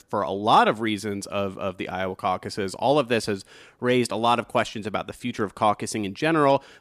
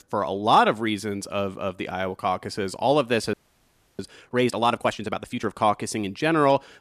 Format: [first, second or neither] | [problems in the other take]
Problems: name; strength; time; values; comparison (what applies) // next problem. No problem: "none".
first | audio freezing; at 3.5 s for 0.5 s